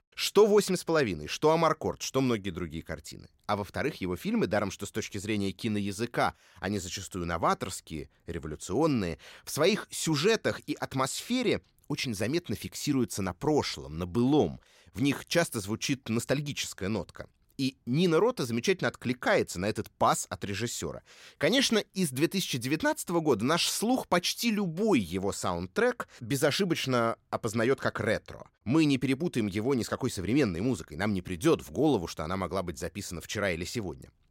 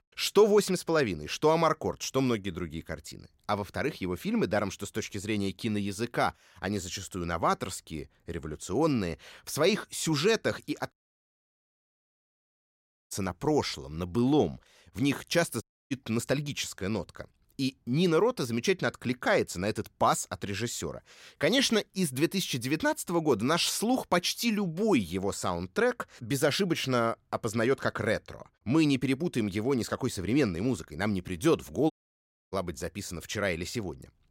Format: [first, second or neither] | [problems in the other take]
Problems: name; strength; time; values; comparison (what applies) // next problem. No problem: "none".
first | audio cutting out; at 11 s for 2 s, at 16 s and at 32 s for 0.5 s